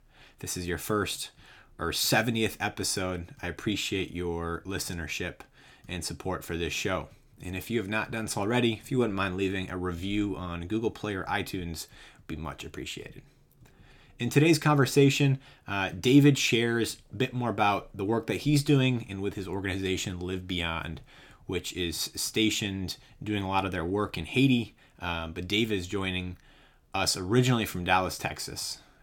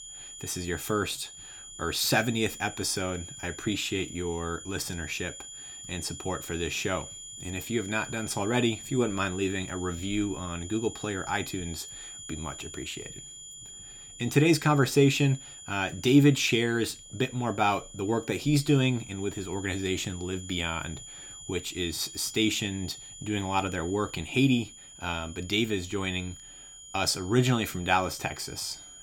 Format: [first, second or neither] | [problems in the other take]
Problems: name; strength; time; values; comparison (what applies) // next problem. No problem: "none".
first | high-pitched whine; noticeable; throughout; 7 kHz, 15 dB below the speech